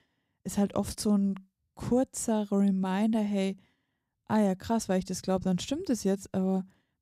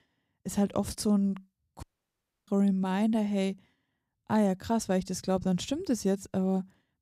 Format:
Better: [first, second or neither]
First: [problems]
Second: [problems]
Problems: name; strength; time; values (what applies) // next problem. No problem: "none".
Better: first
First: none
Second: audio cutting out; at 2 s for 0.5 s